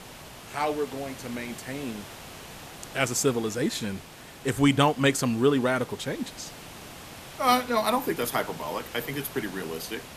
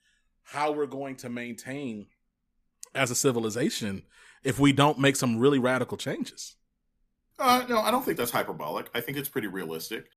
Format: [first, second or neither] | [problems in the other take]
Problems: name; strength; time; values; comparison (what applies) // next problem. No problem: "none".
second | hiss; noticeable; throughout; 15 dB below the speech